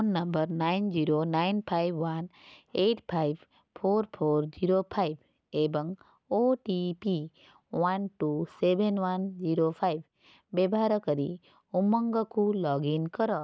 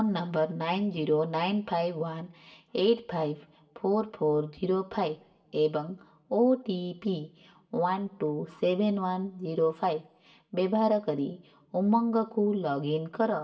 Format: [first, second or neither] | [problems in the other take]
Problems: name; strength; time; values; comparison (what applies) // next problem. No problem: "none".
first | room echo; dies away in 0.4 s